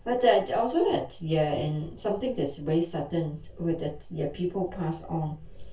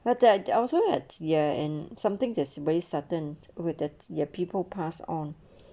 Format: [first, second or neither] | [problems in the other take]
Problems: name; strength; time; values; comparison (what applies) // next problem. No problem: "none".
second | room echo; dies away in 0.2 s